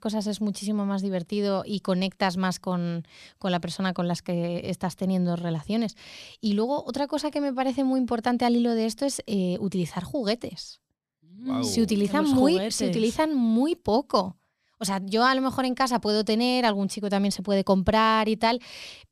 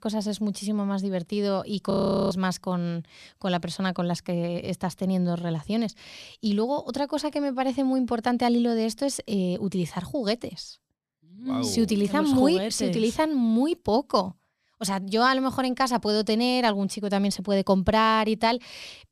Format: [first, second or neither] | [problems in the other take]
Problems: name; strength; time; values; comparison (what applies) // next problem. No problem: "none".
first | audio freezing; at 2 s